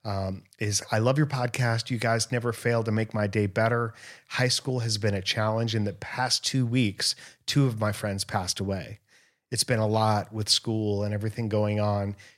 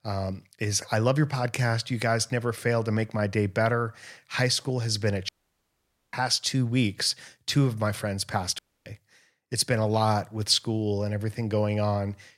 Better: first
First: none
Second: audio cutting out; at 5.5 s for 1 s and at 8.5 s

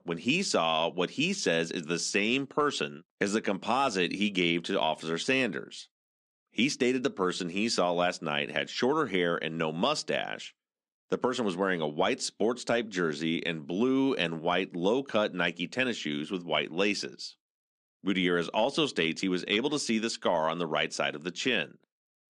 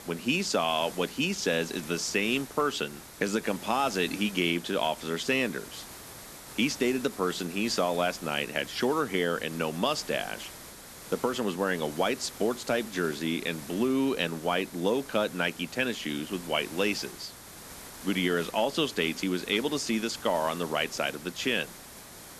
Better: first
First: none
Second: hiss; noticeable; throughout; 15 dB below the speech

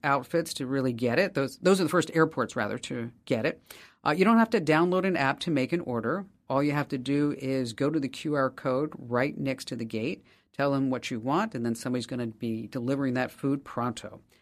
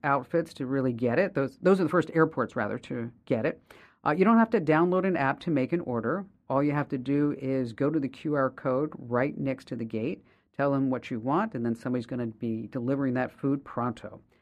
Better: first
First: none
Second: muffled; slightly; fading above 3 kHz

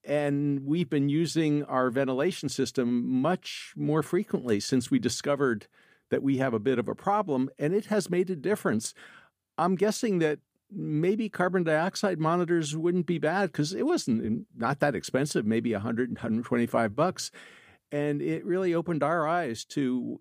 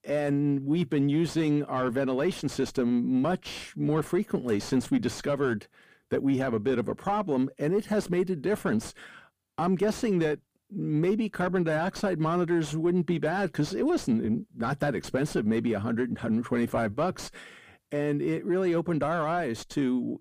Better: first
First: none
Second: distortion; slight; 10 dB below the speech

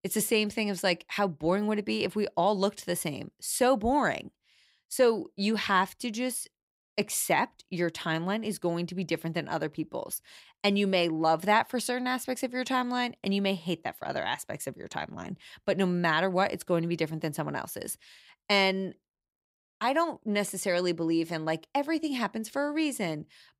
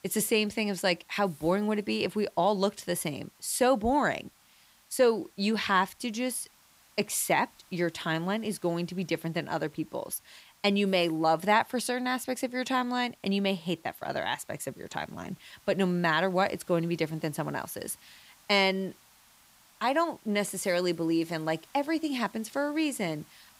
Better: first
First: none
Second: hiss; faint; throughout; 30 dB below the speech

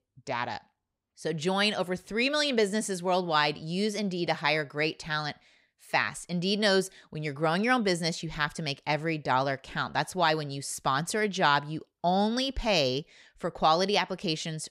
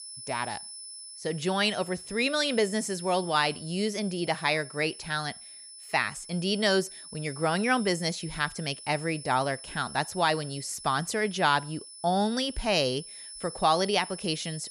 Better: first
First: none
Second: high-pitched whine; noticeable; throughout; 10 kHz, 15 dB below the speech

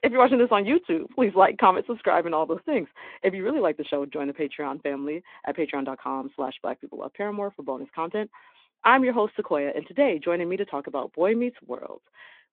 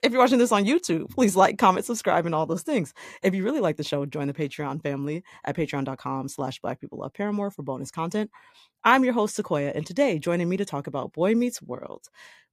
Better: second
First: phone-call audio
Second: none

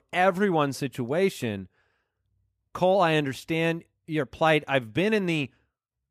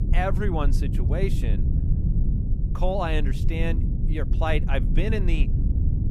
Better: first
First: none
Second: low rumble; loud; throughout; 9 dB below the speech

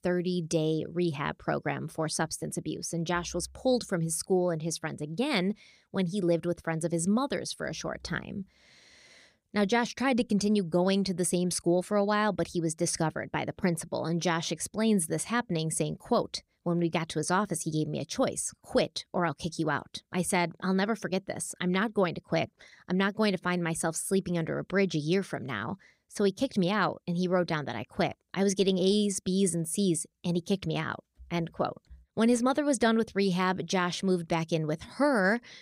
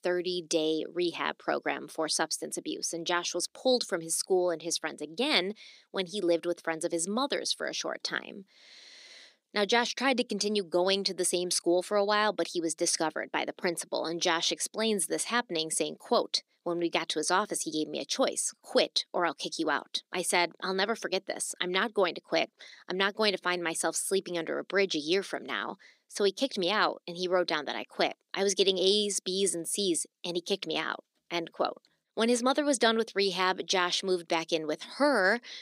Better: first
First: none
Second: thin; somewhat; fading below 250 Hz

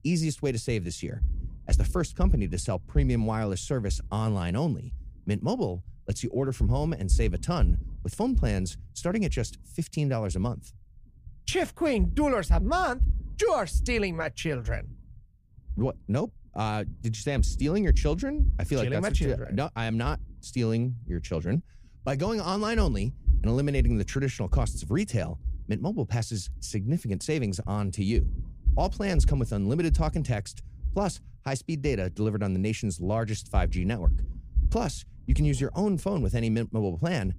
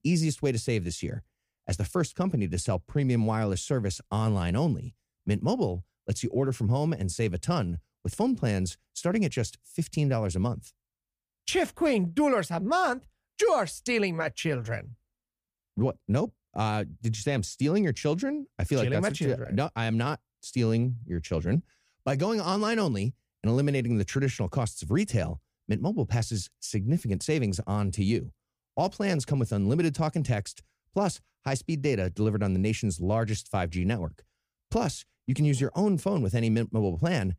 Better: second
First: low rumble; faint; throughout; 20 dB below the speech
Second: none

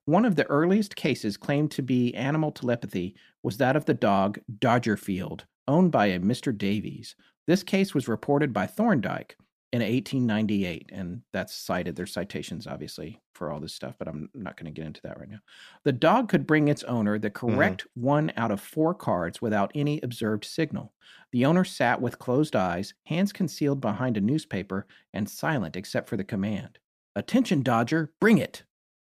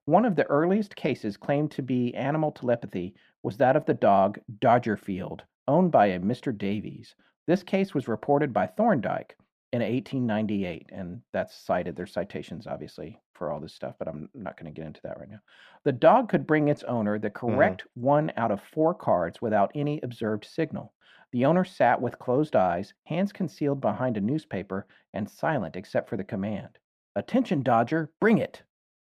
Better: first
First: none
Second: muffled; slightly; fading above 4 kHz

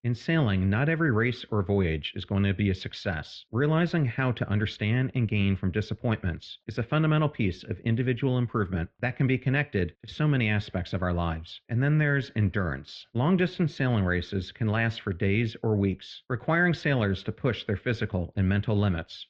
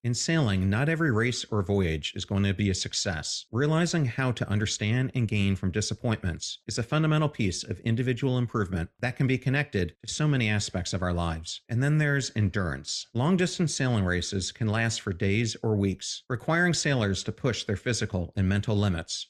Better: second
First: muffled; very; fading above 3.5 kHz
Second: none

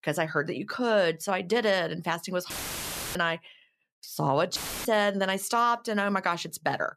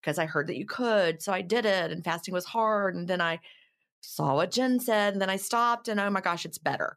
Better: second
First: audio cutting out; filled with static; at 2.5 s for 0.5 s and at 4.5 s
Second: none

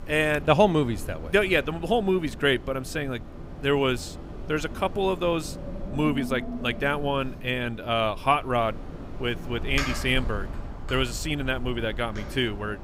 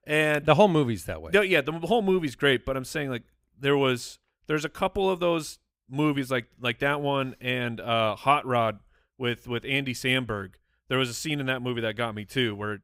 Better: second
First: wind in the background; noticeable; throughout; 10 dB below the speech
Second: none

